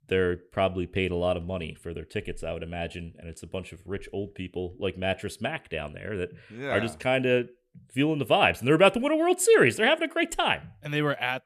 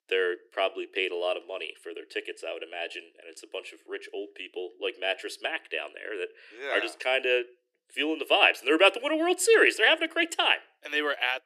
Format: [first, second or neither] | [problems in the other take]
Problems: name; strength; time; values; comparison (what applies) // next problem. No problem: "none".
first | thin; very; fading below 300 Hz